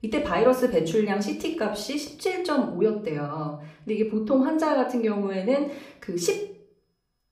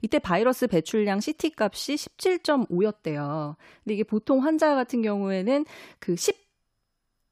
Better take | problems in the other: second | off-mic speech; far // room echo; slight; dies away in 0.5 s

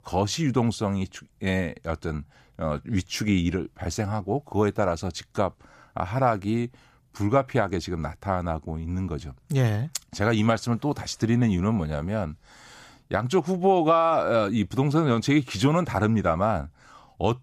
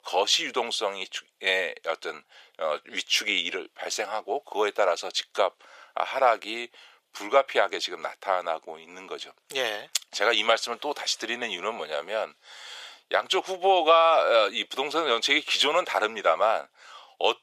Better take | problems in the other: first | thin; very; fading below 500 Hz

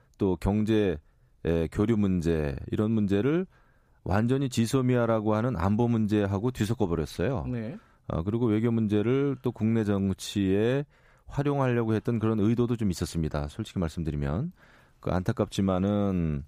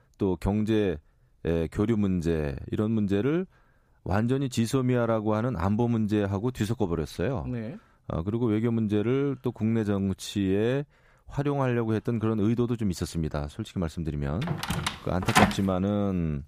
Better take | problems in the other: first | door banging; loud; from 14 to 16 s; peak 5 dB above the speech

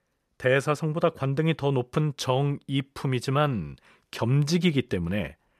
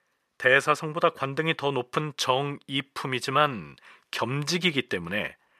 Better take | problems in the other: first | thin; somewhat; fading below 450 Hz

